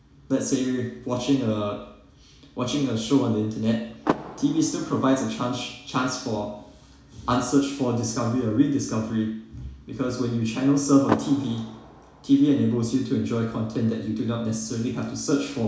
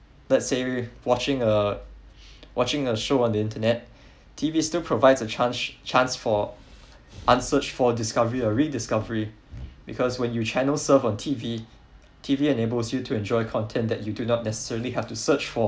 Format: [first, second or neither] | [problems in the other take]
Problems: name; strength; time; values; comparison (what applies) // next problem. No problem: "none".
second | background sound (Car); 11 dB below the speech // room echo; dies away in 0.7 s